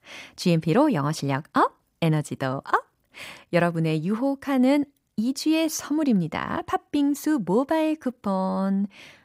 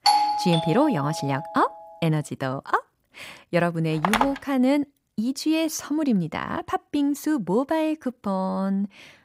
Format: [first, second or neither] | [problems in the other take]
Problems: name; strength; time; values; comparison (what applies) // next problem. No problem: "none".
first | doorbell; loud; until 1.5 s; peak 5 dB above the speech // phone ringing; loud; at 4 s; peak 1 dB above the speech